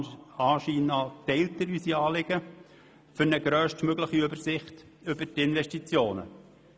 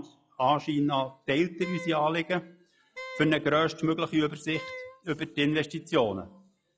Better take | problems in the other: first | noise reduction (classical method log-MMSE)

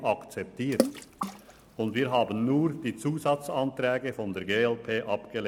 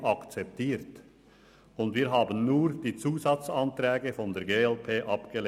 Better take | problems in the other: second | background sound (Water / Splash, splatter); 7 dB below the speech

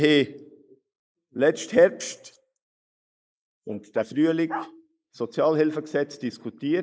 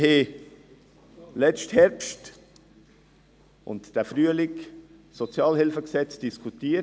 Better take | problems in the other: second | noise reduction (neural mask model Resemble Enhance denoiser)

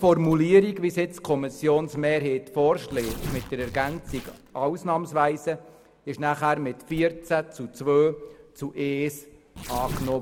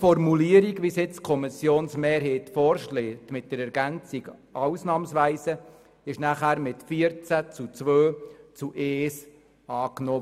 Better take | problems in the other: second | background sound (Tearing); 16 dB below the speech

